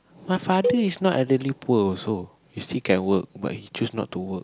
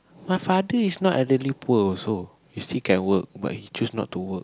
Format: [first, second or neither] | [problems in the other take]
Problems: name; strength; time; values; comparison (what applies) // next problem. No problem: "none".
second | background sound (Cowbell); 7 dB below the speech